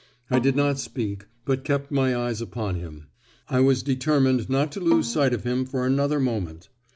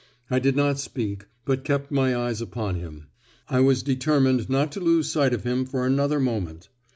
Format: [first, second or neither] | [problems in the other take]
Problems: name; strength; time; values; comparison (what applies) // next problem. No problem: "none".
second | background sound (Bowed string instrument); 13 dB below the speech